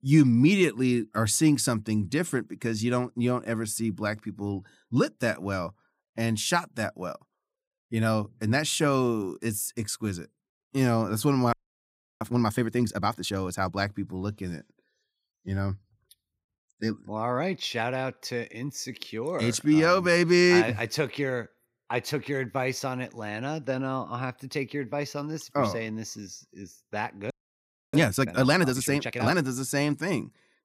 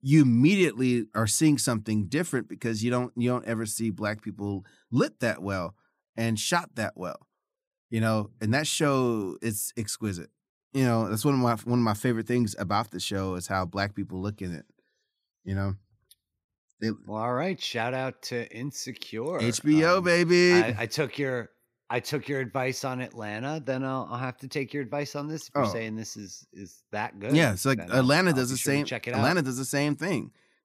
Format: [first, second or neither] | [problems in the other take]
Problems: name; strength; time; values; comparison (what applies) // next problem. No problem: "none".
second | audio freezing; at 12 s for 0.5 s and at 27 s for 0.5 s